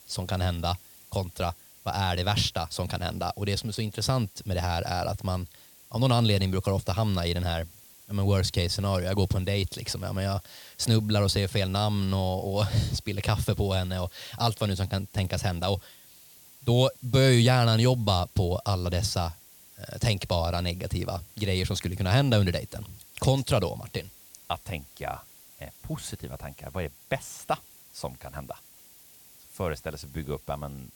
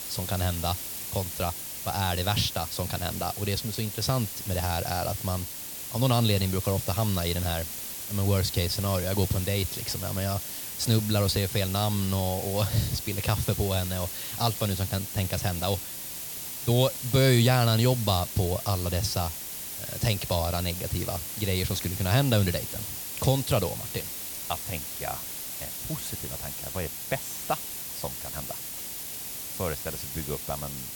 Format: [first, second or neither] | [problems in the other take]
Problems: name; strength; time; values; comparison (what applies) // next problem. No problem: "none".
first | hiss; loud; throughout; 5 dB below the speech; faint in the first